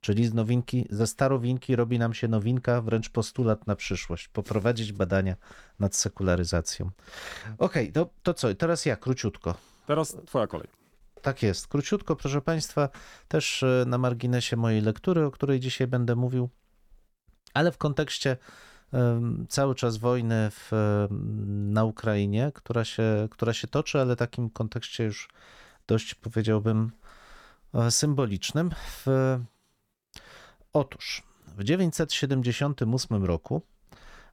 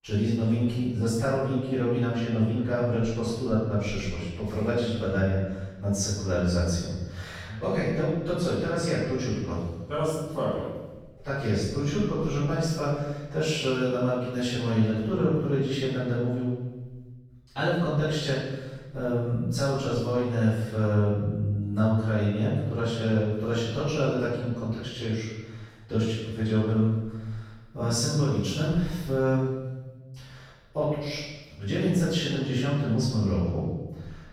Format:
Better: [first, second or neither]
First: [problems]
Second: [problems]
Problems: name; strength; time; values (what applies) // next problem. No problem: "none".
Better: first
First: none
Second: off-mic speech; far // room echo; strong; dies away in 1.1 s